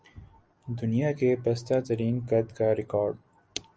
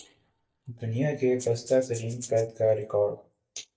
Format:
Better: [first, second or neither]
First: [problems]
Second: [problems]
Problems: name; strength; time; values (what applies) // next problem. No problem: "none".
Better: first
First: none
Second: noise reduction (neural mask model DeepFilterNet 3)